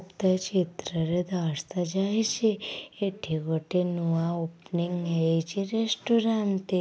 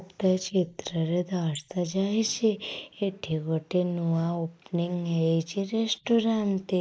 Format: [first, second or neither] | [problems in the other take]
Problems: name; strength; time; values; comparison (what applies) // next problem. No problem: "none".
first | noise reduction (neural mask model Resemble Enhance denoiser)